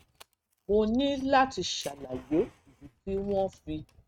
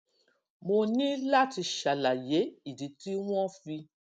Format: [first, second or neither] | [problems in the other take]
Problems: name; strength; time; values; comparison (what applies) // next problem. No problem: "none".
second | noise reduction (neural mask model RNNoise)